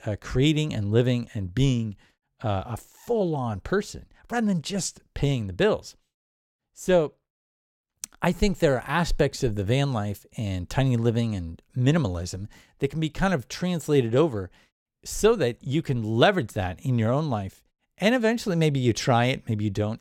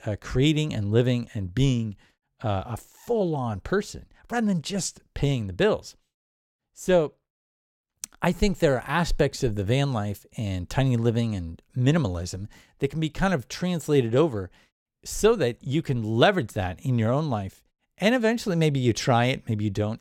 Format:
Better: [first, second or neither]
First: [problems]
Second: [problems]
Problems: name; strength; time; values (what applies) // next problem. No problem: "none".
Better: neither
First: none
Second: none